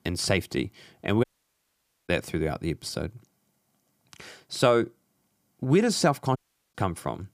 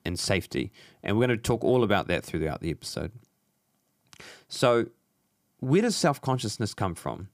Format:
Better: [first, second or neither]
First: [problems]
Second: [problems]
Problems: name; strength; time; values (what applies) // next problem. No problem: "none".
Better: second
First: audio cutting out; at 1 s for 1 s and at 6.5 s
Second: none